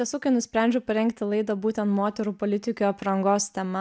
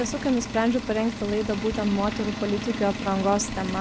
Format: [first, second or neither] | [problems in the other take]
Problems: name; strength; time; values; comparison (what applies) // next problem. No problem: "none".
first | background sound (Engine); 7 dB below the speech